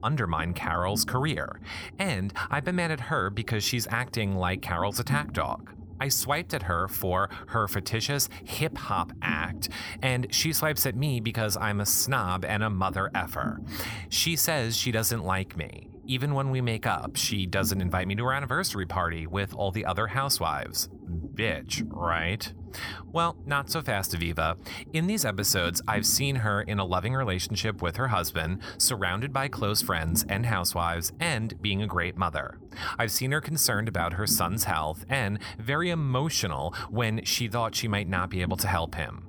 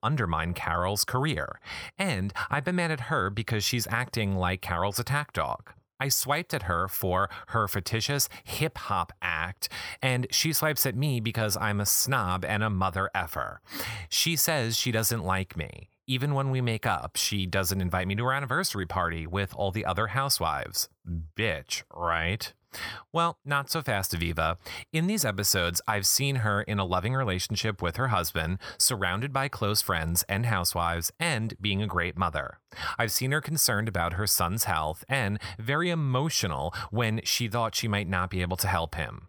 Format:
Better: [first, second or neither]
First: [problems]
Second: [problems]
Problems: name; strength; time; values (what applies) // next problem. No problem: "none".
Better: second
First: low rumble; faint; throughout; 20 dB below the speech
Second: none